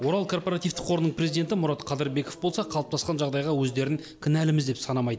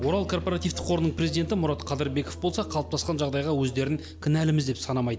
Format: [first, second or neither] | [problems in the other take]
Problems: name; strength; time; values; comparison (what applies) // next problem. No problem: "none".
first | background sound (Piano); 13 dB below the speech